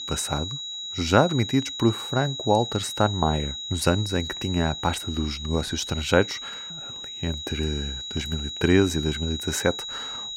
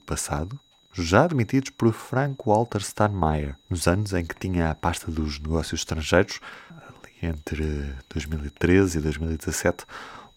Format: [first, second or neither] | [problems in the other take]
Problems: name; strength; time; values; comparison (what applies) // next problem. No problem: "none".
second | high-pitched whine; loud; throughout; 4 kHz, 6 dB below the speech; faint in the second